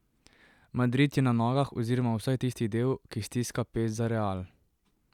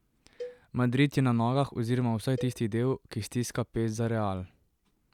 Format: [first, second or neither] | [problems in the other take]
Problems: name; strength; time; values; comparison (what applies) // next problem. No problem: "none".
first | background sound (Cowbell); 19 dB below the speech